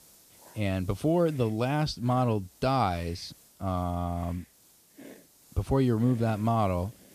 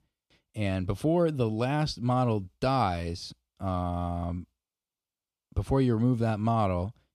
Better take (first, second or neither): second